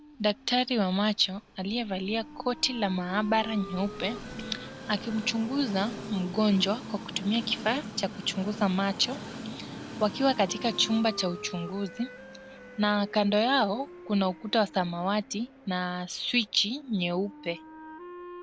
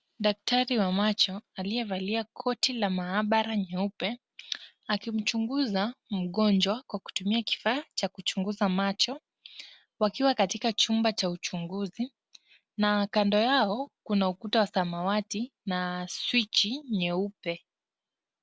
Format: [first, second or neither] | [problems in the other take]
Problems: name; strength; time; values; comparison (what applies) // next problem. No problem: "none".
second | background sound (Wind instrument, woodwind instrument + Train); 13 dB below the speech